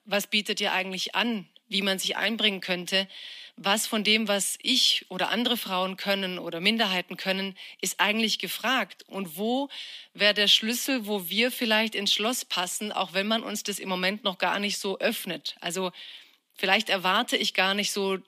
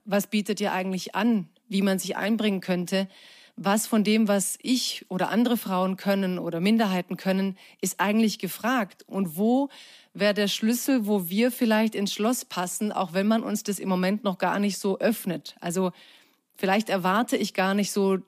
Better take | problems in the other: second | thin; very slightly; fading below 800 Hz

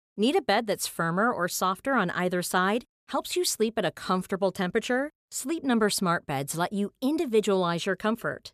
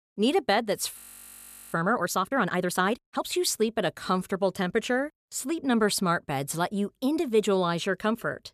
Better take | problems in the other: first | audio freezing; at 1 s for 1 s

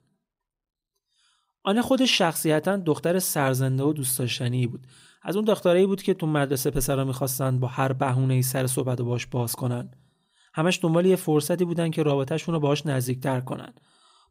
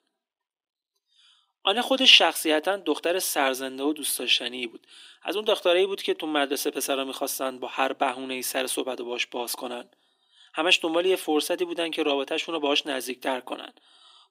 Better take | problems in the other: first | thin; somewhat; fading below 300 Hz

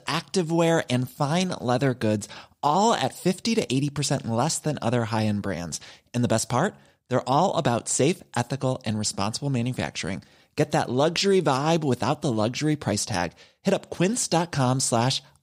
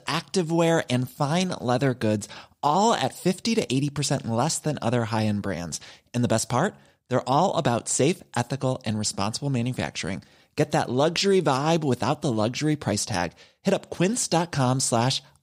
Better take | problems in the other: neither | none

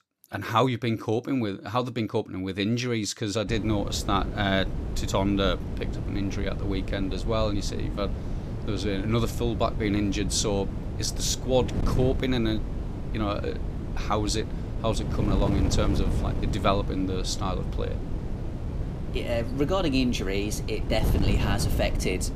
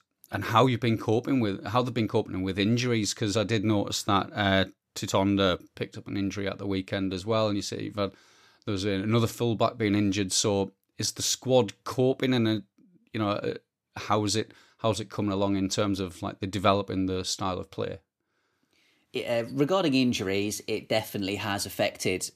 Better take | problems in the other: second | wind noise on the microphone; occasional gusts; from 3.5 s on; 10 dB below the speech

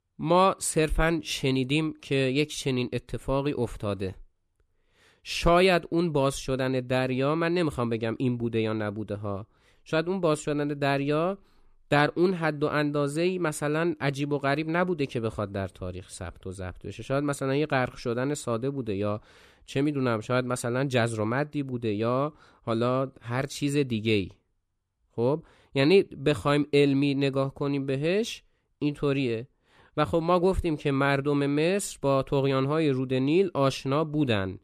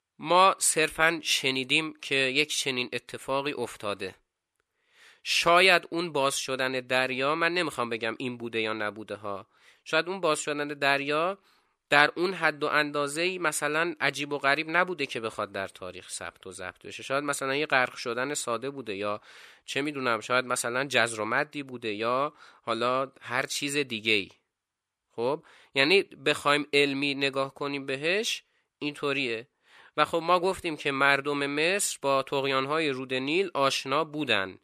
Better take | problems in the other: first | thin; somewhat; fading below 1 kHz

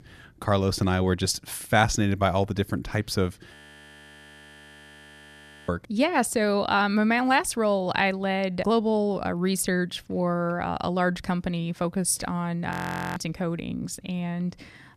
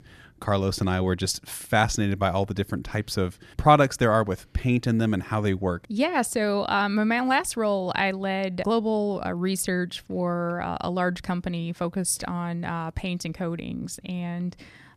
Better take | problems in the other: second | audio freezing; at 3.5 s for 2 s and at 13 s

